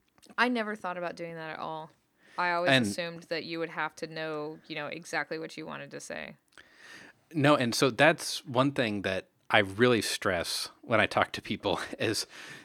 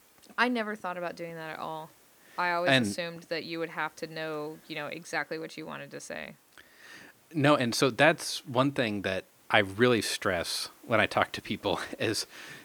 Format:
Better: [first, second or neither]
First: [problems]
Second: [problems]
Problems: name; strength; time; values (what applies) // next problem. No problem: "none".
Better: first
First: none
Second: hiss; faint; throughout; 30 dB below the speech